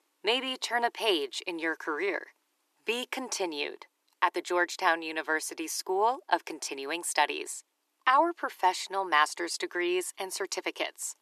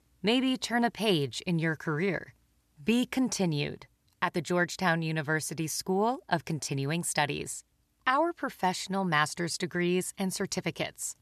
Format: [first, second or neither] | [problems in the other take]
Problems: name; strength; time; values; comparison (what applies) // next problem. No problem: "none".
second | thin; very; fading below 350 Hz